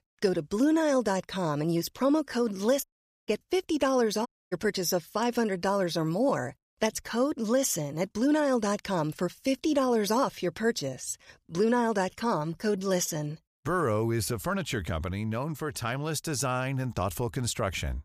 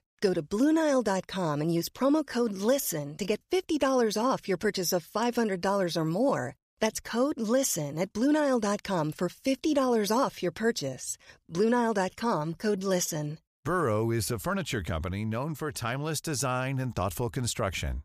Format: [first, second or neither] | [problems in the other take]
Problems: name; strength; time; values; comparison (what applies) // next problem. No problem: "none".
second | audio cutting out; at 3 s and at 4.5 s